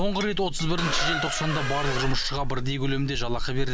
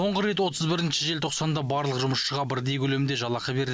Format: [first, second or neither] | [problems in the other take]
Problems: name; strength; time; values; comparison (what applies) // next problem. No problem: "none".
second | background sound (Chink, clink + Squeak); 1 dB above the speech